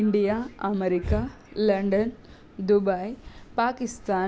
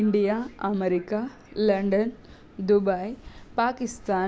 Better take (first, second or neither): second